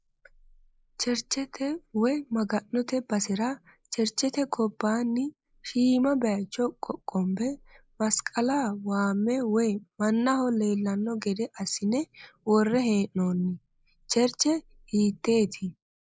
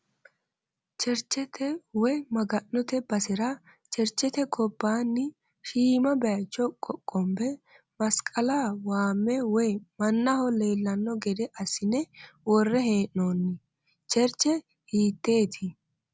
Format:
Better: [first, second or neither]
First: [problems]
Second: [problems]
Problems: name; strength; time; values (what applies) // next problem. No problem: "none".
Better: second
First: noise reduction (neural mask model Resemble Enhance denoiser)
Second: none